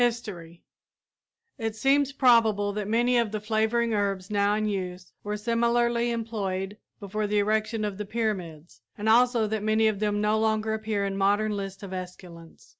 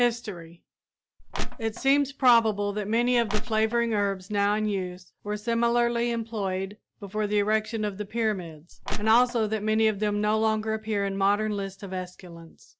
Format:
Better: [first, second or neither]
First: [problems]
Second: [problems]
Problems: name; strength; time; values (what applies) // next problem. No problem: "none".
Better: first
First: none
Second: background sound (Crushing); 1 dB above the speech